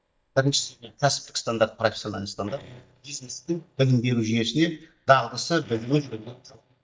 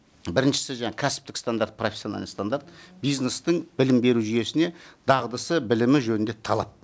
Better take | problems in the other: second | noise reduction (neural mask model DeepFilterNet 3)

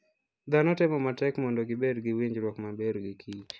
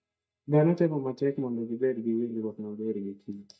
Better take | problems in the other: first | noise reduction (neural mask model DeepFilterNet 3)

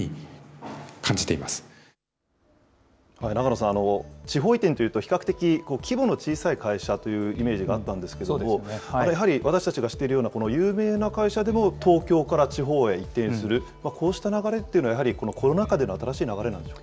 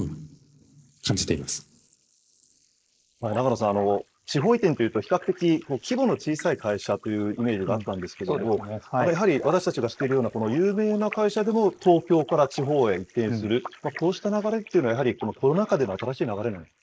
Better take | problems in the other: first | noise reduction (neural mask model Resemble Enhance denoiser)

